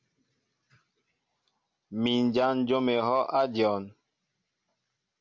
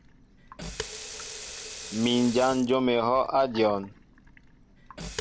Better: first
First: none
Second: background sound (Sink (filling or washing) / Water tap, faucet); 13 dB below the speech

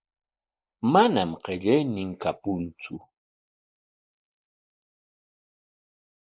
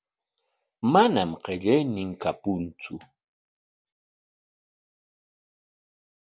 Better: second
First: noise reduction (neural mask model Resemble Enhance denoiser)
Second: none

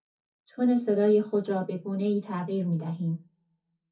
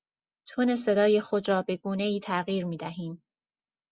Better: second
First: room echo; dies away in 0.3 s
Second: none

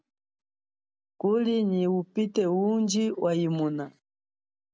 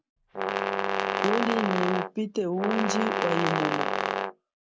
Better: first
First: none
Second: background sound (Brass instrument); 2 dB above the speech

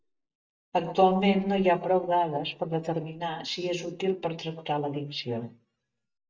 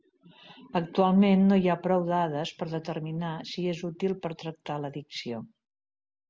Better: second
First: noise reduction (neural mask model DeepFilterNet 3)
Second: none

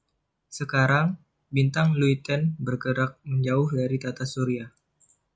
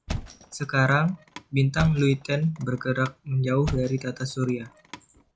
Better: first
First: none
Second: background sound (Thump, thud); 13 dB below the speech

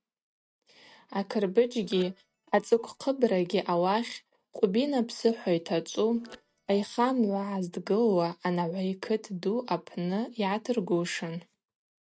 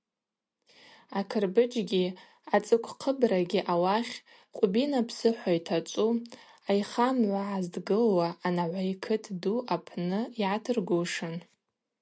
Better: second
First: noise reduction (neural mask model RNNoise)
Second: none

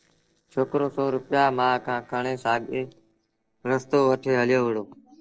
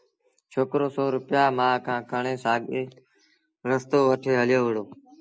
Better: second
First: noise reduction (neural separator model SepFormer DNS4)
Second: none

